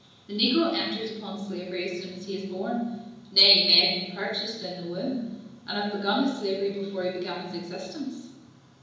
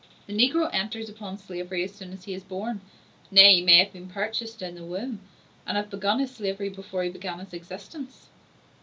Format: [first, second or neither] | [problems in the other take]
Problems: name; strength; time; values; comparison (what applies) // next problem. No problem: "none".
second | room echo; dies away in 1 s